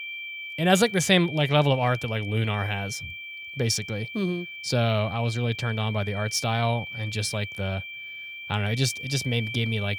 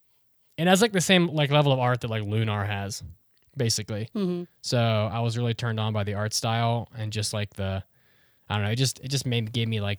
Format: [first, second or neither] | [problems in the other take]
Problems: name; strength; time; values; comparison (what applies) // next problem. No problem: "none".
second | high-pitched whine; loud; throughout; 2.5 kHz, 9 dB below the speech